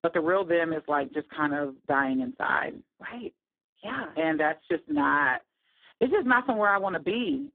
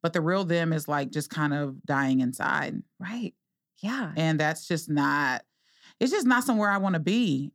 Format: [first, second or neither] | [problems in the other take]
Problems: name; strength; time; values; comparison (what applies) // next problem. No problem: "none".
second | phone-call audio; poor line